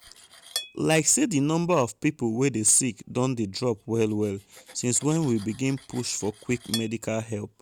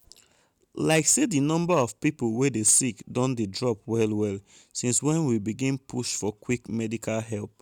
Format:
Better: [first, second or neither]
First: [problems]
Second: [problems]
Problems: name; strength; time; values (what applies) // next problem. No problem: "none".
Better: second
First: background sound (Cutlery, silverware); 18 dB below the speech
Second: none